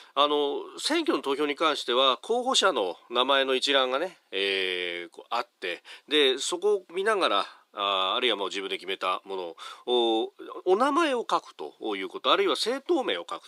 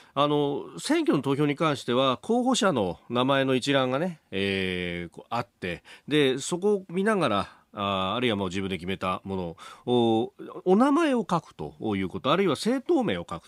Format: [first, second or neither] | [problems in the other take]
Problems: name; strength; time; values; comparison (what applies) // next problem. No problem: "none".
second | thin; somewhat; fading below 350 Hz